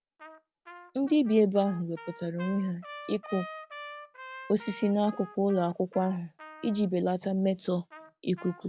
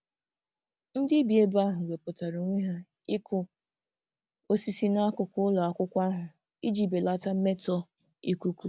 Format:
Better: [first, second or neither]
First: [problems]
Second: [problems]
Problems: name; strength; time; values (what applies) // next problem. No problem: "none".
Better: second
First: background sound (Trumpet); 17 dB below the speech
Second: none